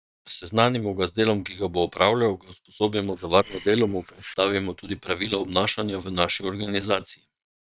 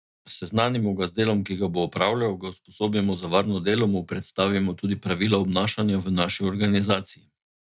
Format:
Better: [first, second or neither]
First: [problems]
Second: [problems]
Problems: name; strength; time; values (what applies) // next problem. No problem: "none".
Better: second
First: noise reduction (neural separator model SepFormer WHAM!)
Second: none